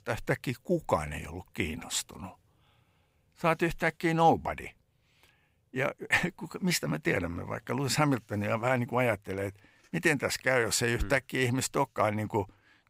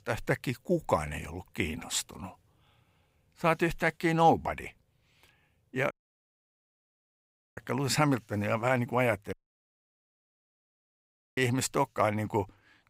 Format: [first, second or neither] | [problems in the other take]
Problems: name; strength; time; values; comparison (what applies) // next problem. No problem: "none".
first | audio cutting out; at 6 s for 1.5 s and at 9.5 s for 2 s